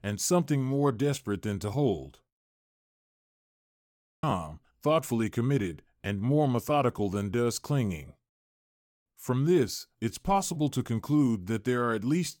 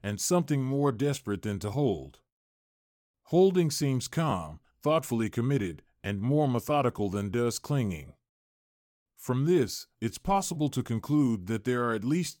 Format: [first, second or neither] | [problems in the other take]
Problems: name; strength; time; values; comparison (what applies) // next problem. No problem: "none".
second | audio cutting out; at 3 s for 1.5 s